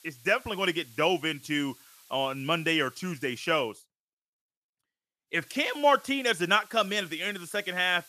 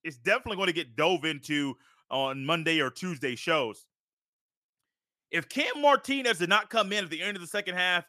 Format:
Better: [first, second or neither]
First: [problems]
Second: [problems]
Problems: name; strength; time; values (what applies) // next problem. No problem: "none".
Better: second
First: hiss; faint; until 3.5 s and from 5.5 s on; 25 dB below the speech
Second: none